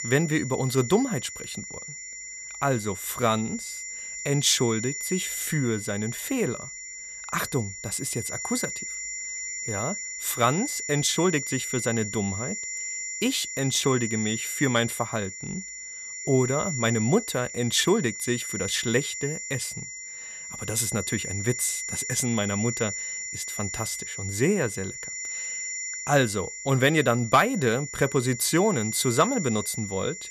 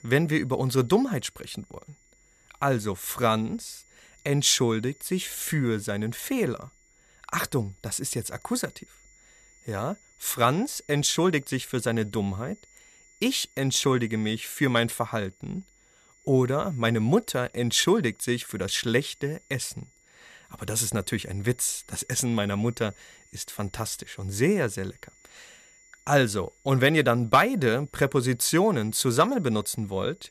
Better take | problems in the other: second | high-pitched whine; loud; throughout; 7 kHz, 6 dB below the speech; faint in the second

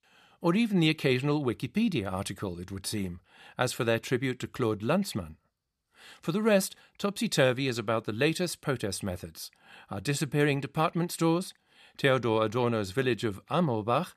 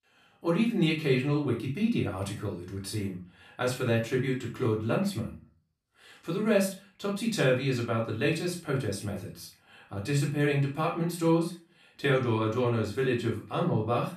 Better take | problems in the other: first | off-mic speech; far // room echo; slight; dies away in 0.3 s

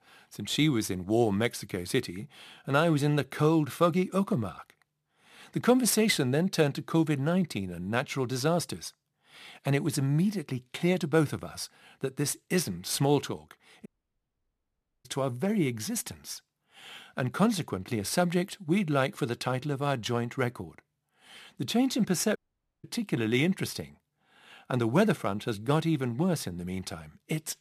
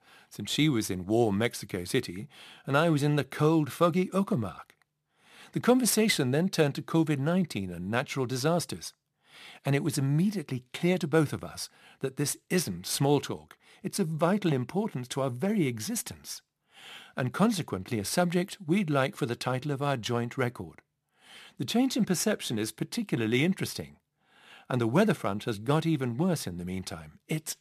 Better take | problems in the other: second | audio cutting out; at 14 s for 1 s and at 22 s

